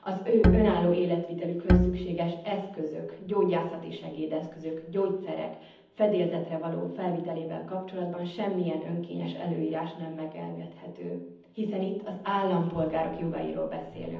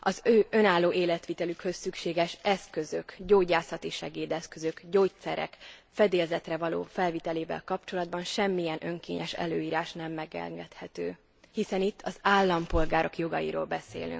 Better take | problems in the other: second | background sound (Bowed string instrument); 4 dB above the speech // room echo; dies away in 0.8 s

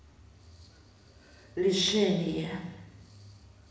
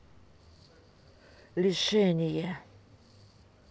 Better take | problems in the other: second | room echo; dies away in 1 s

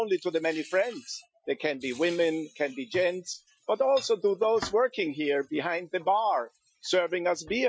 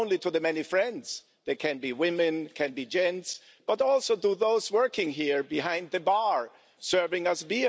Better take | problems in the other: second | noise reduction (classical method Wiener filter)

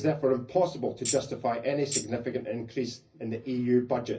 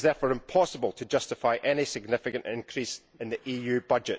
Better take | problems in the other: second | background sound (Tambourine); 7 dB below the speech // room echo; dies away in 0.4 s

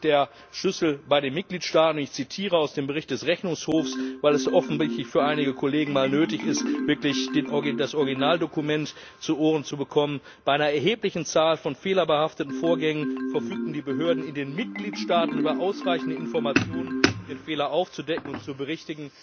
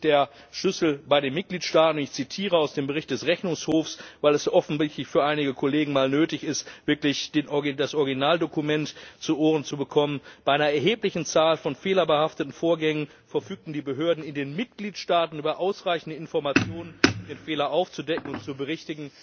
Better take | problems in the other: second | background sound (Marimba, xylophone); 8 dB below the speech

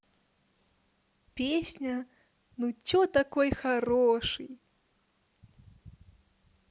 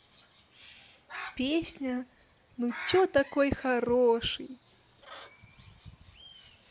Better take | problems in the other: first | background sound (Bird); 16 dB below the speech

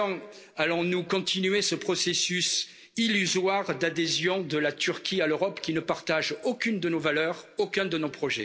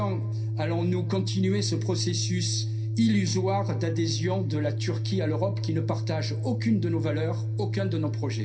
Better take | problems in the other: first | background sound (Organ); as loud as the speech // room echo; dies away in 0.3 s

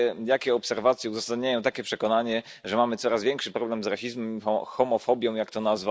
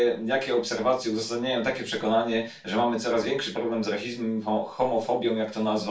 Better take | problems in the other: first | room echo; dies away in 0.3 s

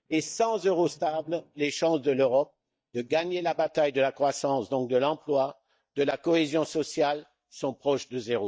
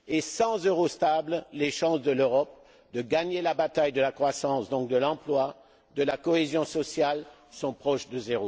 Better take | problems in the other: second | noise reduction (neural mask model DeepFilterNet 3)

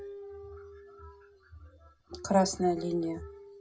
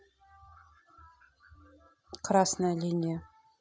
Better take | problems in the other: second | background sound (Guitar); 14 dB below the speech // room echo; dies away in 0.4 s

